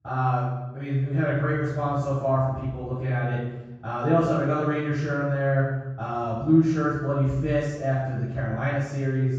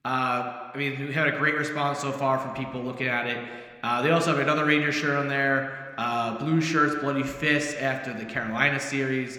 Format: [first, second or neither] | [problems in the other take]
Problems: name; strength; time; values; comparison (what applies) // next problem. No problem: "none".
second | room echo; strong; dies away in 1.3 s; slight in the second // off-mic speech; far